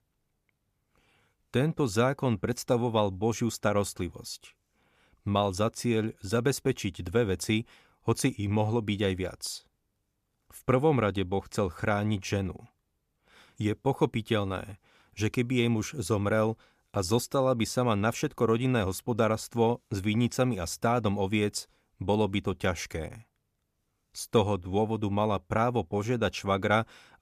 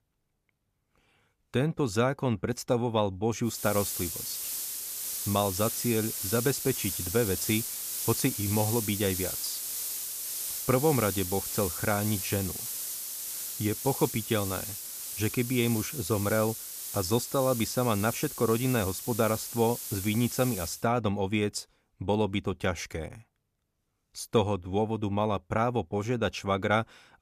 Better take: first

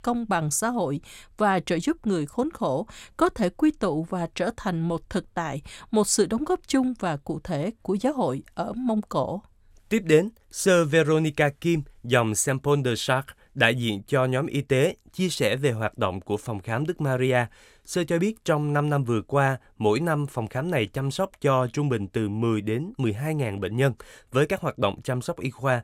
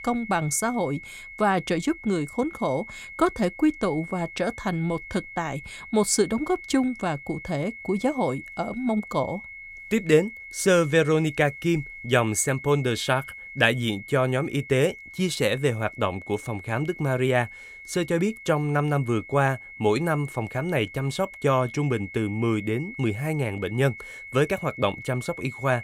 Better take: first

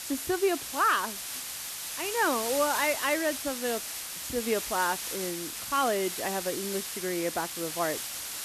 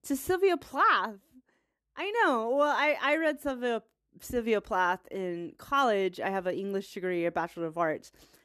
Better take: second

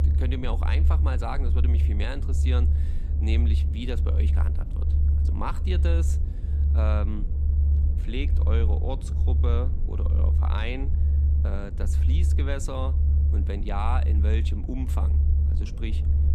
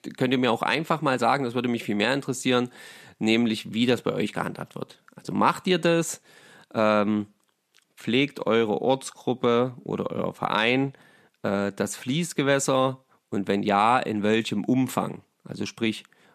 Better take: second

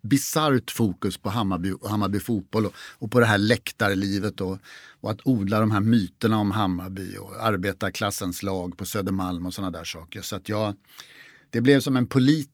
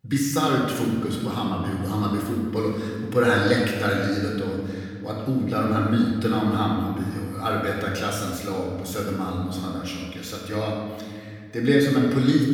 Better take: first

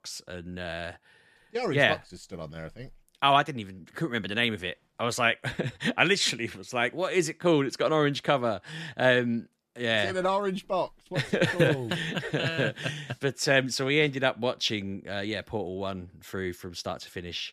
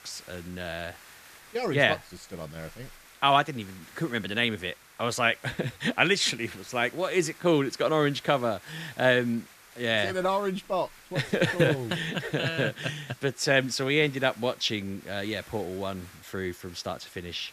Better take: first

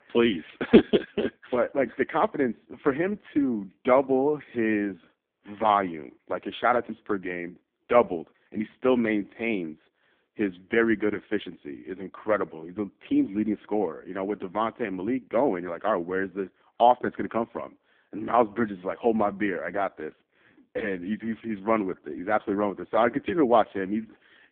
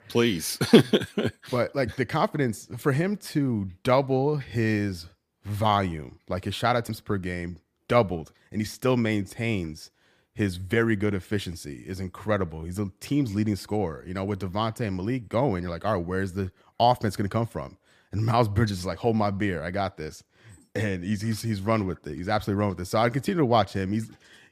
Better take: second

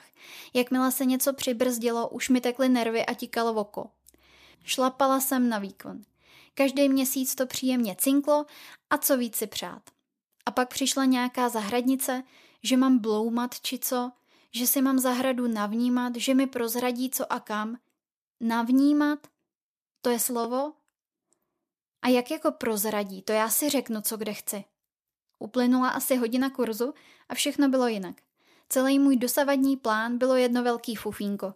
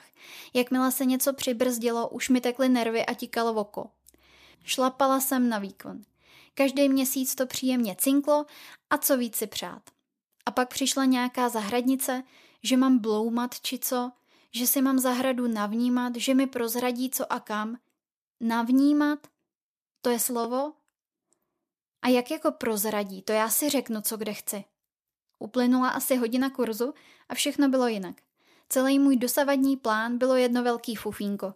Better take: neither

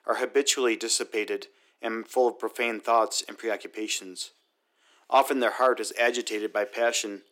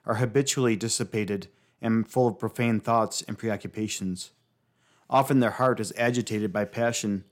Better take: second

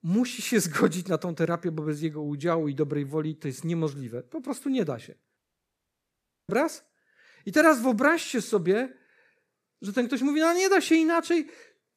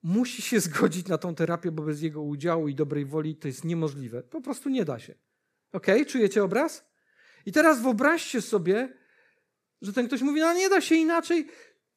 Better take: second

